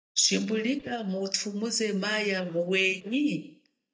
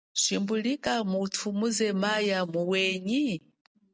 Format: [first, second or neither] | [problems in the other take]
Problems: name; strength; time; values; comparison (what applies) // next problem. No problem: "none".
second | noise reduction (neural mask model DeepFilterNet 3)